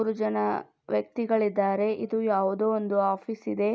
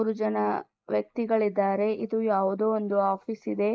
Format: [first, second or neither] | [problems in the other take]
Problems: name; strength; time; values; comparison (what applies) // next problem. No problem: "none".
first | noise reduction (neural mask model Resemble Enhance denoiser)